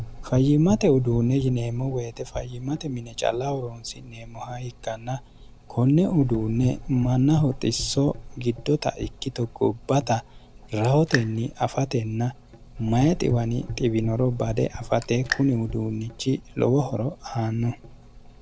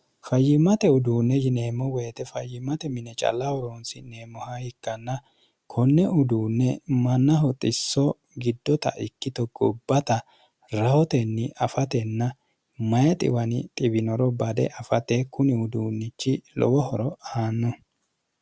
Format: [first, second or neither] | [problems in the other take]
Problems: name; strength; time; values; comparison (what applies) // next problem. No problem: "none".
second | background sound (Gurgling / Engine + Raindrop); 13 dB below the speech